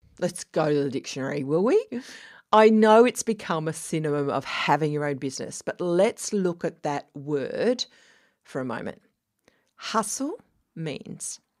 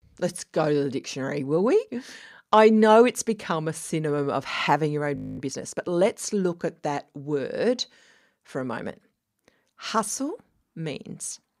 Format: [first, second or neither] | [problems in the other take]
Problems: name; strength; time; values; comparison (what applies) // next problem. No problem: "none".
first | audio freezing; at 5 s